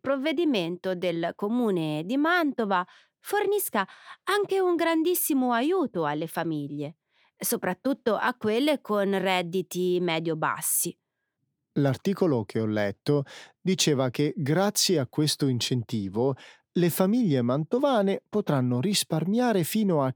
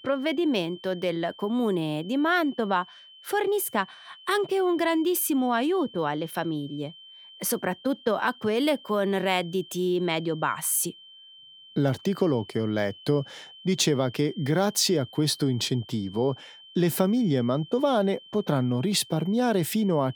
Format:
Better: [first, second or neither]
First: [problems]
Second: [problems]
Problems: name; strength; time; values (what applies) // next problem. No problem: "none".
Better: first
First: none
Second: high-pitched whine; faint; throughout; 3 kHz, 20 dB below the speech